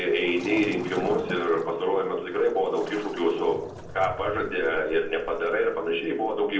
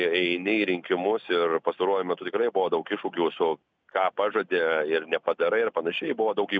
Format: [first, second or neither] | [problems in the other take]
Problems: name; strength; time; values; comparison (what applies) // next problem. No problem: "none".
second | background sound (Waves, surf); 15 dB below the speech // room echo; dies away in 0.6 s